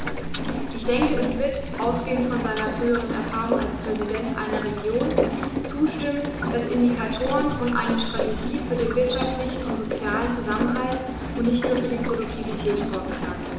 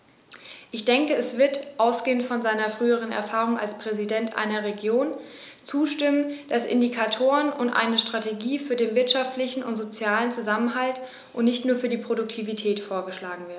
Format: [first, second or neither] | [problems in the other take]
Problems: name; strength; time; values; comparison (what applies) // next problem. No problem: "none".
second | background sound (Rain); 2 dB below the speech // room echo; dies away in 0.9 s